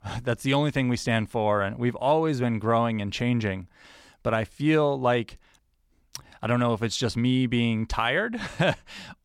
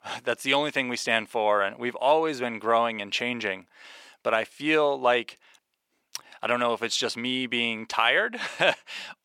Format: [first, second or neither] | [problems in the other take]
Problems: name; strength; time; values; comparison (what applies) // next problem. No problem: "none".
first | thin; somewhat; fading below 450 Hz